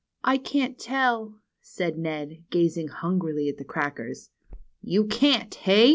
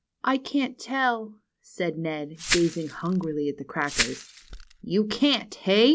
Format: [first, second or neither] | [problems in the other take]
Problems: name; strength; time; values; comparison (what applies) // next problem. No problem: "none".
first | background sound (Glass); 7 dB below the speech